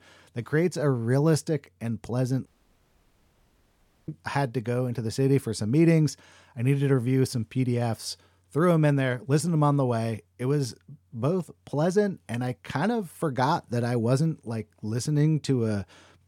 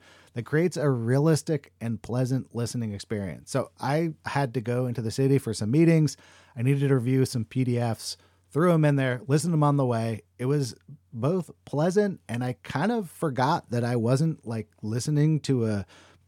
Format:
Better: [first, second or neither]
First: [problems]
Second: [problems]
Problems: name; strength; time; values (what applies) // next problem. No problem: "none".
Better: second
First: audio cutting out; at 2.5 s for 1.5 s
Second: none